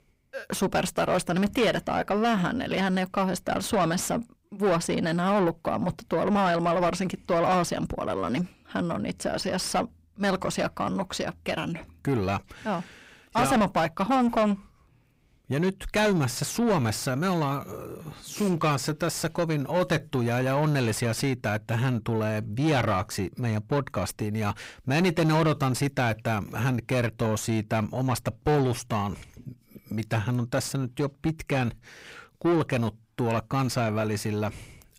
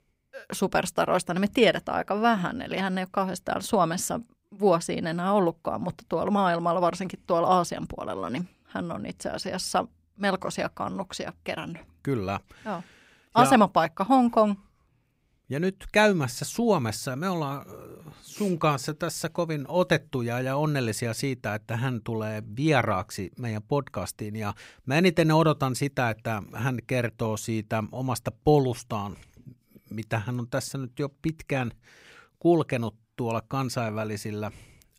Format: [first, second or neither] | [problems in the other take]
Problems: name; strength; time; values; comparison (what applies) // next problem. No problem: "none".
second | distortion; heavy; 7 dB below the speech